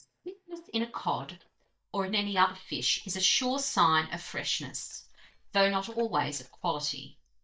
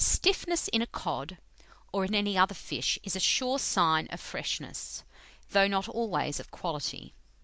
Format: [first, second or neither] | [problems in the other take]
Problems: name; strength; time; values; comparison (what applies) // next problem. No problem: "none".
second | noise reduction (neural mask model DeepFilterNet 3)